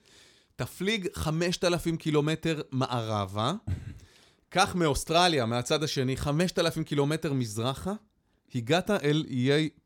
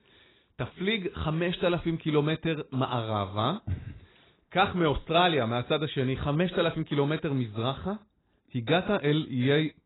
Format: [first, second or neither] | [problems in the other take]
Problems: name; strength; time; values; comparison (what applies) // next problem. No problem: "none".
first | garbled, watery; badly; nothing above 4 kHz